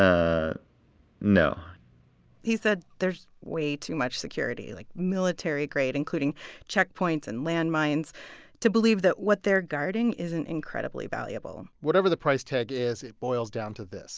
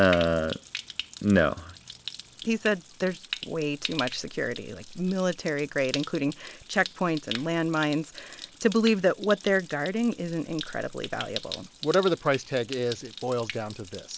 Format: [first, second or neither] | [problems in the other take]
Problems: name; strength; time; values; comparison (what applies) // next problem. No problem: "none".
first | background sound (Stream); 13 dB below the speech